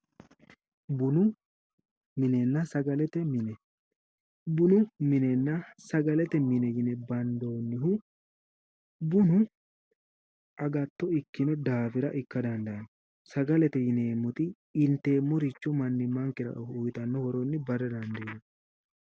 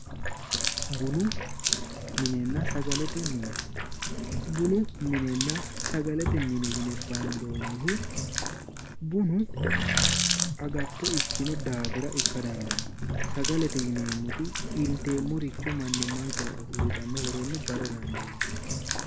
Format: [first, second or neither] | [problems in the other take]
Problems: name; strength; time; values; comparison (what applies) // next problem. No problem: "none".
first | background sound (Telephone + Water tap, faucet); 1 dB above the speech